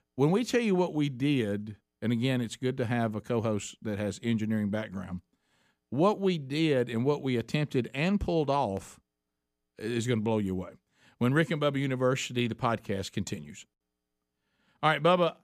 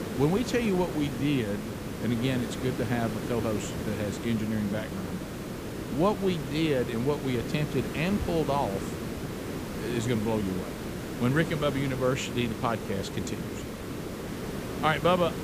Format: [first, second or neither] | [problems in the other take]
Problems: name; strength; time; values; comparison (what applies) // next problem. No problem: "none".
first | hiss; loud; throughout; 6 dB below the speech